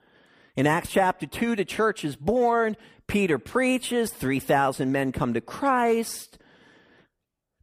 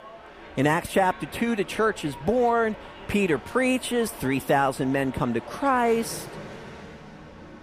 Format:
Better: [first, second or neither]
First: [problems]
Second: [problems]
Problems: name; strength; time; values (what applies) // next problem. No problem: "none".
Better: first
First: none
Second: train or aircraft noise; noticeable; throughout; 15 dB below the speech